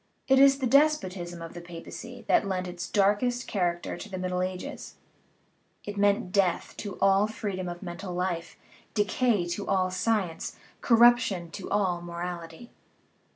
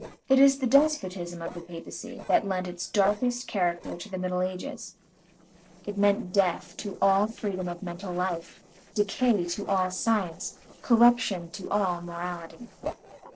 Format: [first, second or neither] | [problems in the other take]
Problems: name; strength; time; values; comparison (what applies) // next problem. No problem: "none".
first | noise reduction (neural separator model SepFormer DNS4)